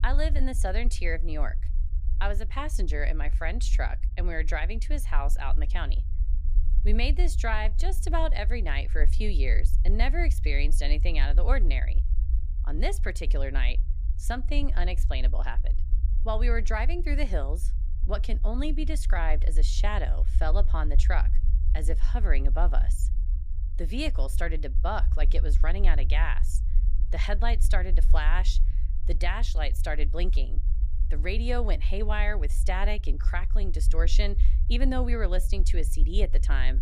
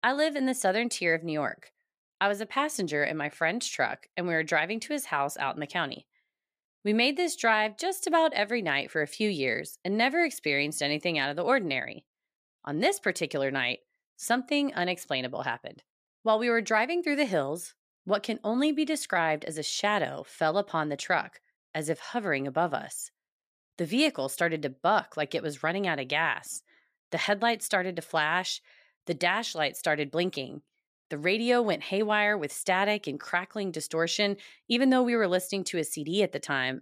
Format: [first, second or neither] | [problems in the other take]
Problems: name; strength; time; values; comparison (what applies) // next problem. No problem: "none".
second | low rumble; noticeable; throughout; 15 dB below the speech